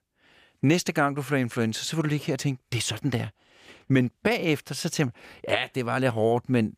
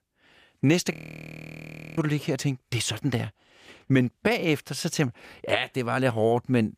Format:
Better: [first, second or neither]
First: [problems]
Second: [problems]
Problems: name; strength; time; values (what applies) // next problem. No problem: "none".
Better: first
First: none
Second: audio freezing; at 1 s for 1 s